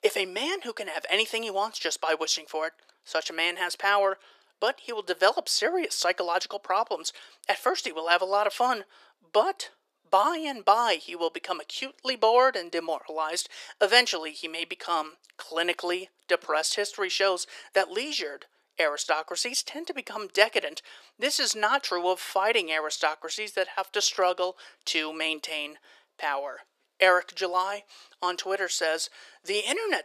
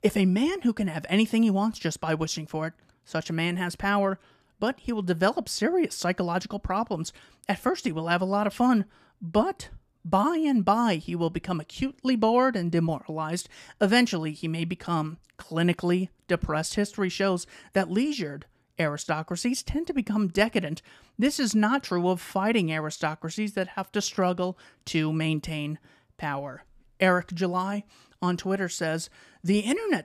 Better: second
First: thin; very; fading below 400 Hz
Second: none

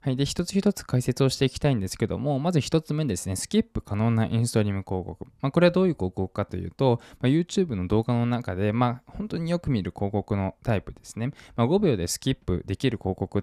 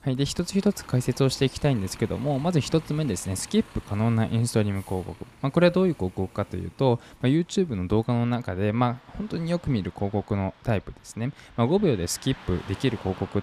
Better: first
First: none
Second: traffic noise; faint; throughout; 20 dB below the speech

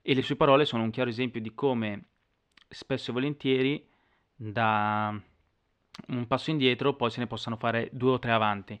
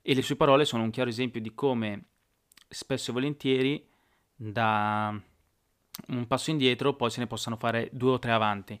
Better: second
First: muffled; very slightly; fading above 3 kHz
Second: none

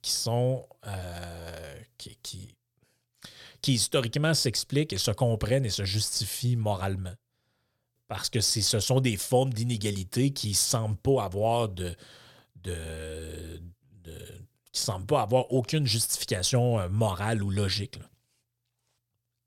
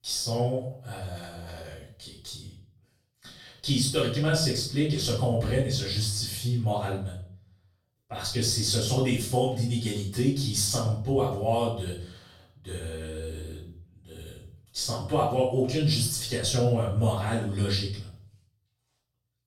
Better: first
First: none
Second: off-mic speech; far // room echo; noticeable; dies away in 0.4 s

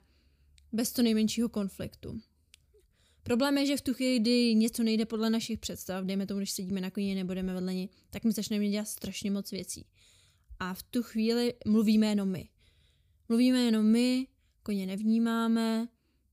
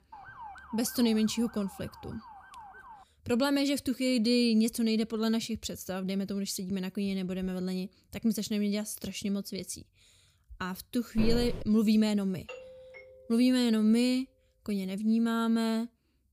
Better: first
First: none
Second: siren; faint; until 3 s; peak 15 dB below the speech // footsteps; noticeable; at 11 s; peak 6 dB below the speech // doorbell; faint; from 12 to 14 s; peak 15 dB below the speech

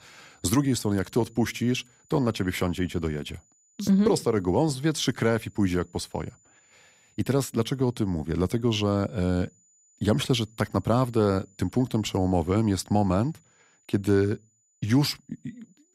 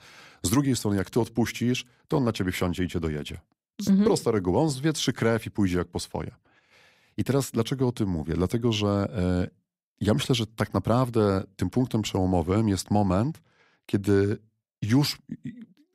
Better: second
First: high-pitched whine; faint; throughout; 7 kHz, 35 dB below the speech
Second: none

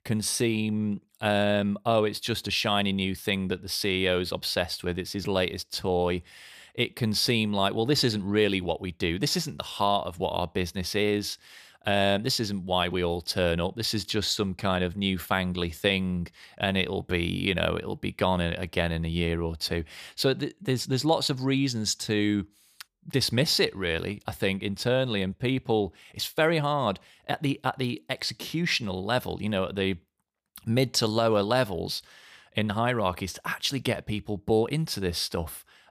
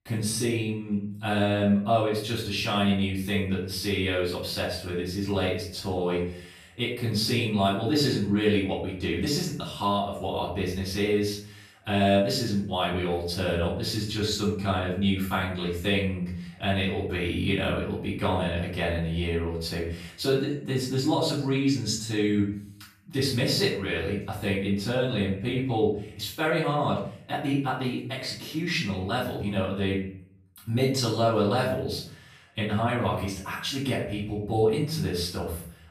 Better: first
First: none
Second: off-mic speech; far // room echo; noticeable; dies away in 0.6 s

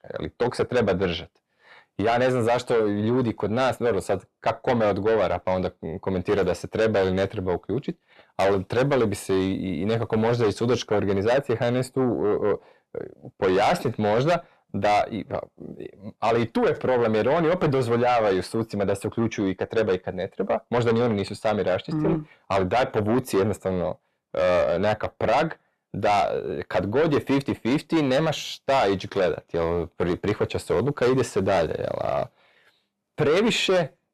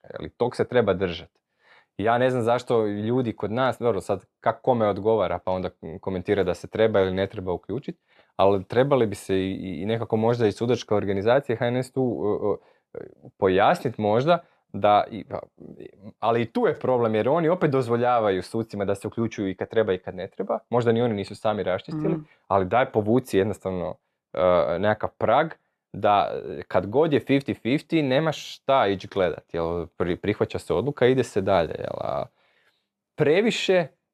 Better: second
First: distortion; heavy; 8 dB below the speech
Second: none

